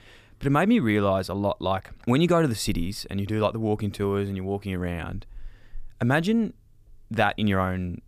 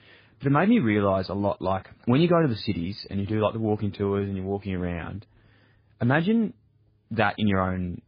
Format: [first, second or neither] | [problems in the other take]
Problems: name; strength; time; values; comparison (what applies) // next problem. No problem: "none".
first | garbled, watery; badly; nothing above 5 kHz